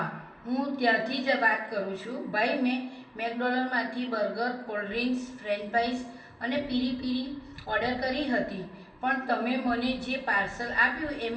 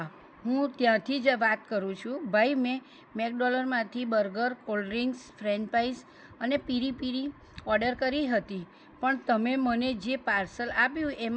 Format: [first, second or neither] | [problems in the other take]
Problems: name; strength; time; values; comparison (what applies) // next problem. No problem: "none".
second | room echo; dies away in 0.7 s